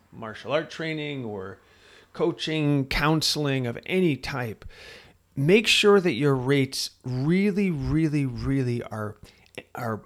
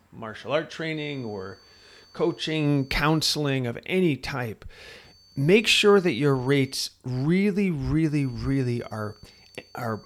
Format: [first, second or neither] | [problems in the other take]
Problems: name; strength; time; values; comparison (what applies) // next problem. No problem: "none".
first | high-pitched whine; faint; from 1 to 3 s, from 5 to 7 s and from 8 s on; 4.5 kHz, 30 dB below the speech